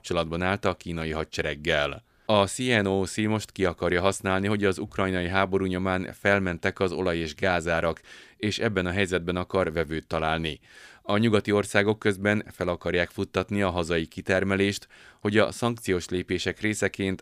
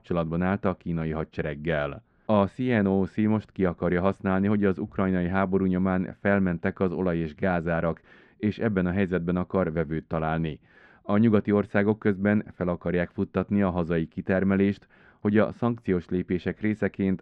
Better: first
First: none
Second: muffled; very; fading above 1.5 kHz

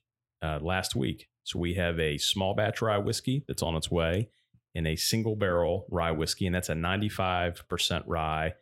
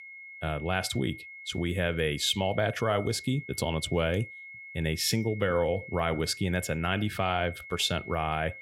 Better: first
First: none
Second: high-pitched whine; noticeable; throughout; 2 kHz, 15 dB below the speech

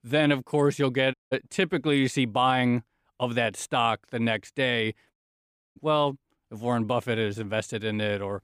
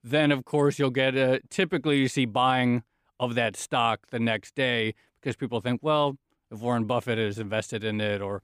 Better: second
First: audio cutting out; at 1 s and at 5 s for 0.5 s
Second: none

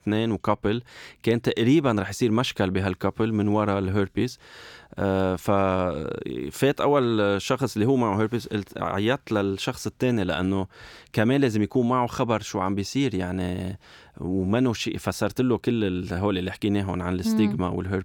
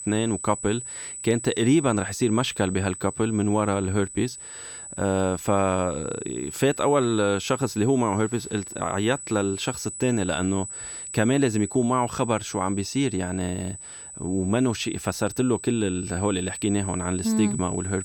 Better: first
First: none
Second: high-pitched whine; noticeable; throughout; 8 kHz, 10 dB below the speech

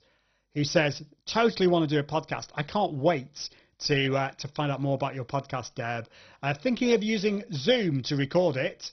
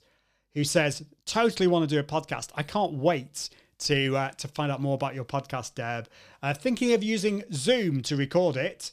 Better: second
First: garbled, watery; badly; nothing above 6 kHz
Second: none

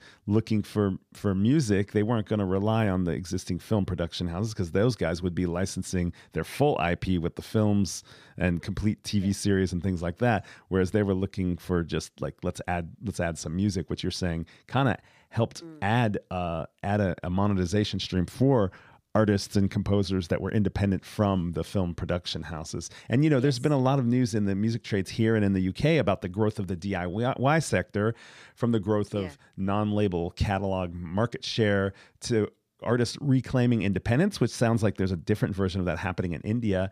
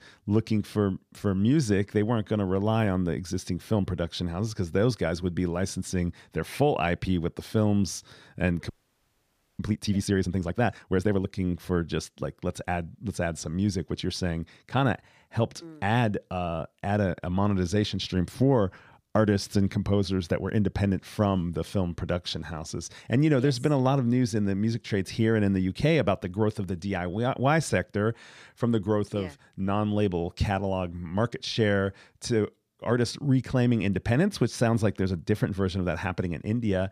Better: first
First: none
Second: audio freezing; at 8.5 s for 1 s

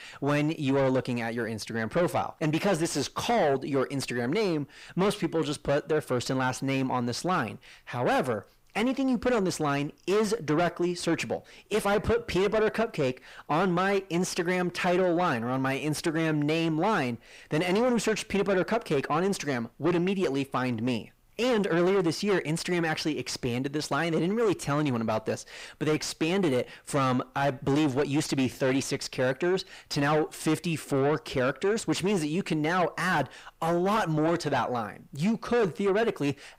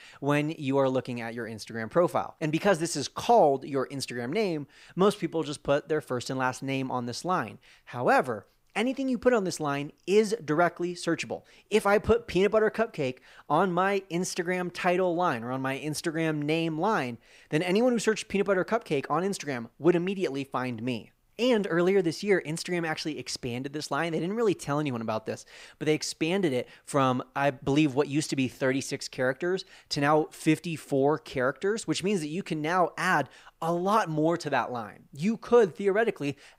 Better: second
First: distortion; heavy; 7 dB below the speech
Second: none

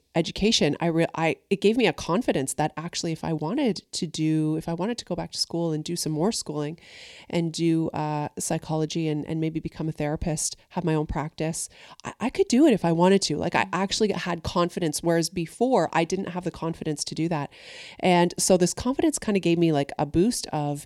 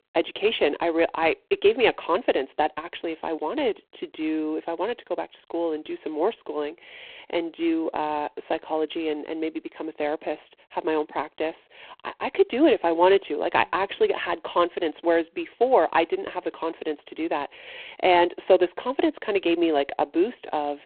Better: first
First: none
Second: phone-call audio; poor line

